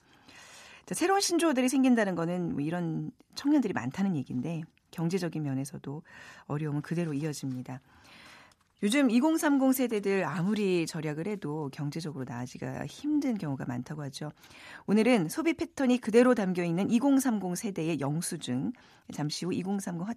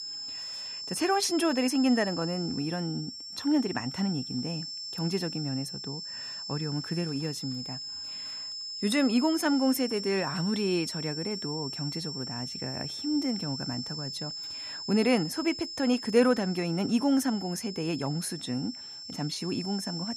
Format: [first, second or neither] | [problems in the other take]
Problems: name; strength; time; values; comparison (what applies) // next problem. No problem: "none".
first | high-pitched whine; loud; throughout; 5.5 kHz, 6 dB below the speech